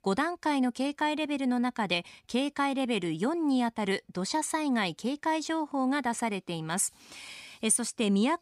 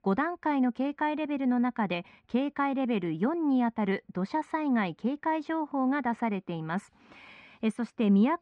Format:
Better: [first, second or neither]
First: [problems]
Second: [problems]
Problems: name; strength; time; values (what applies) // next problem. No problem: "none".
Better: first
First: none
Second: muffled; very; fading above 1.5 kHz